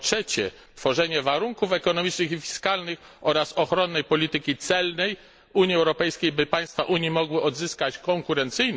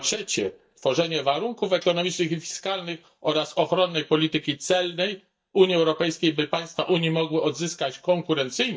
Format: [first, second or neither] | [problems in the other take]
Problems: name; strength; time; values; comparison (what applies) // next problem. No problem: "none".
first | noise reduction (neural mask model DeepFilterNet 3)